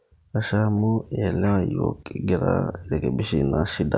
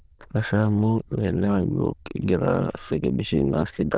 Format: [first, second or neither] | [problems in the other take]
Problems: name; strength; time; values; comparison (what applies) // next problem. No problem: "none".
first | noise reduction (neural diffusion model UNIVERSE++)